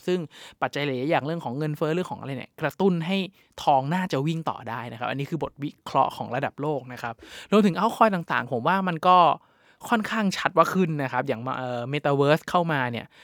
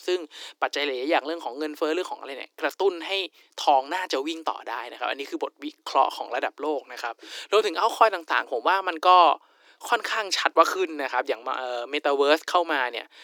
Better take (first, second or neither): first